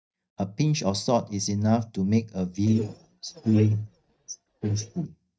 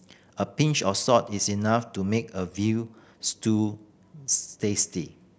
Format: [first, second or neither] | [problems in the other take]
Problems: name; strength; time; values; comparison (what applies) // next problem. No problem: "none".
second | noise reduction (neural mask model DeepFilterNet 3)